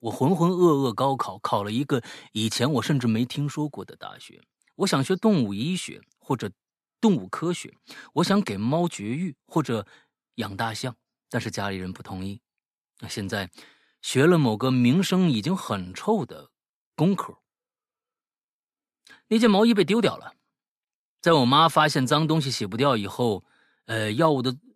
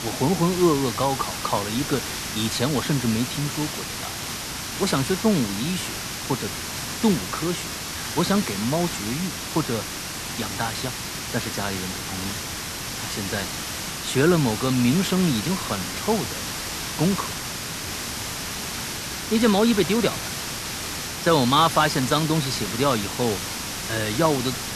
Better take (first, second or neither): first